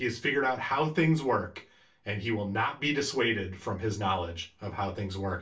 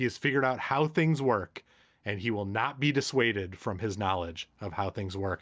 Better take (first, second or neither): second